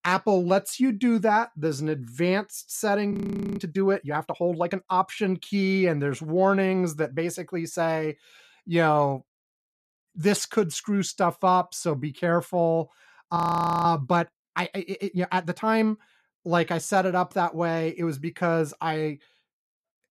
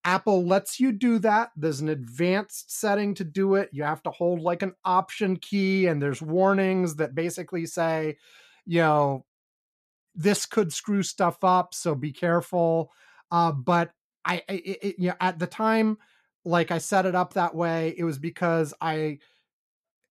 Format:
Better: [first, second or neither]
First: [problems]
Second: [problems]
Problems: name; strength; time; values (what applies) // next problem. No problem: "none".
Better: second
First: audio freezing; at 3 s and at 13 s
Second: none